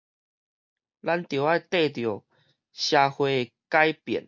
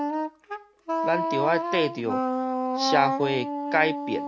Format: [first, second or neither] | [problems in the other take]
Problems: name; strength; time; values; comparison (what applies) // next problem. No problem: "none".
first | background sound (Wind instrument, woodwind instrument); as loud as the speech